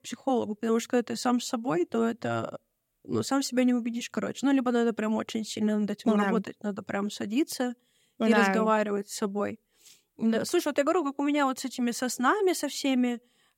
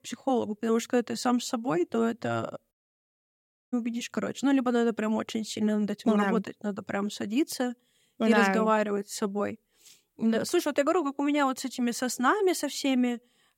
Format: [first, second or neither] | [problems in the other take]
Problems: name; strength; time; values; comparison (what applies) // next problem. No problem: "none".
first | audio cutting out; at 2.5 s for 1 s